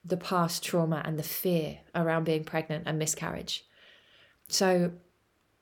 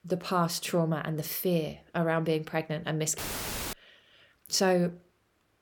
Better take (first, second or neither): first